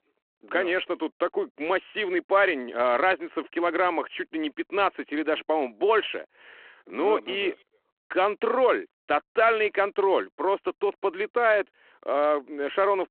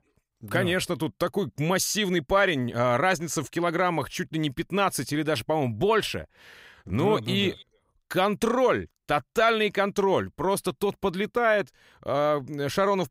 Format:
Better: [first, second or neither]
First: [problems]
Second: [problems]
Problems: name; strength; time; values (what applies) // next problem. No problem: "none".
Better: second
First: phone-call audio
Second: none